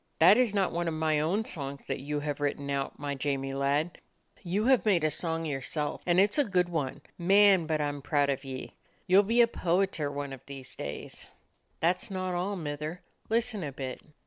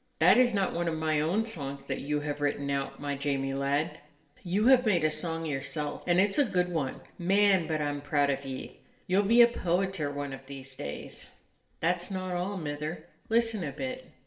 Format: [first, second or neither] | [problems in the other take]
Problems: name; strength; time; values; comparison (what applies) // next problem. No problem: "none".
first | room echo; dies away in 0.6 s